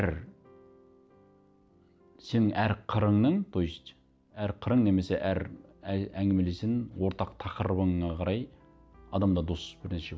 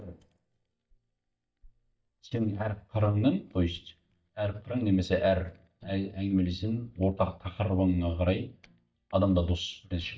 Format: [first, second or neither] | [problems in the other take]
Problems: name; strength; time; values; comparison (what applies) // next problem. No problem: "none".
first | noise reduction (neural mask model DeepFilterNet 3)